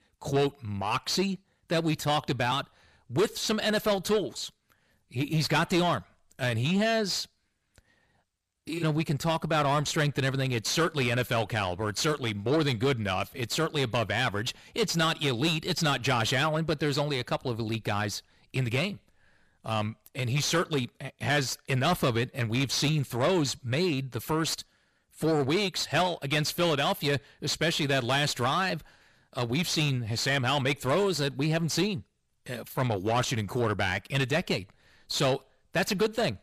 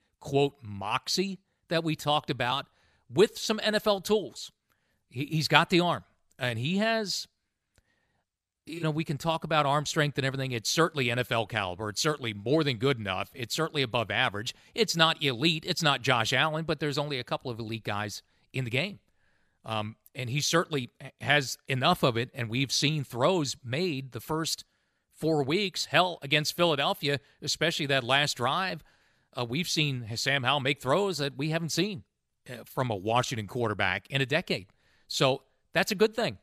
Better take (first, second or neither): second